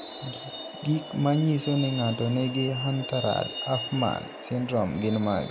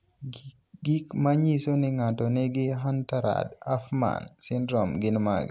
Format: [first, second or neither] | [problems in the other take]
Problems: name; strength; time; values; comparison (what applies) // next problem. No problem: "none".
second | background sound (Truck); 10 dB below the speech